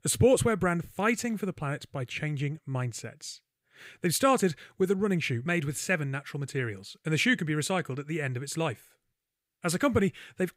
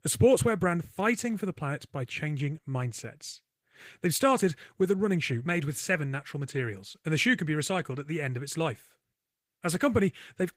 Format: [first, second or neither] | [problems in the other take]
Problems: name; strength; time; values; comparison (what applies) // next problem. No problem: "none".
first | garbled, watery; slightly; nothing above 15.5 kHz